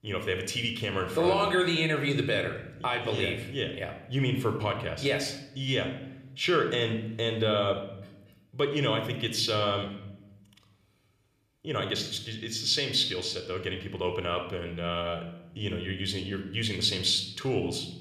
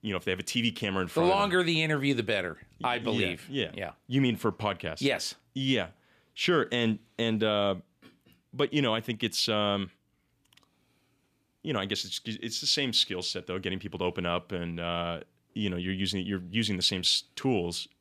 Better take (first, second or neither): second